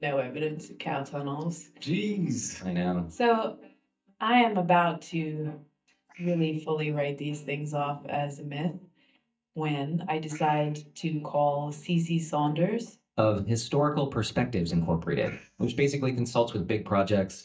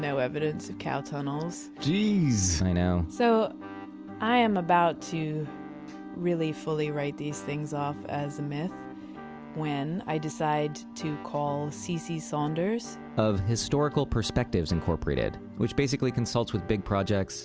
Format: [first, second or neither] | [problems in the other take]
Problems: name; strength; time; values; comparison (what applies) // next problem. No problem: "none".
second | noise reduction (neural mask model DeepFilterNet 3)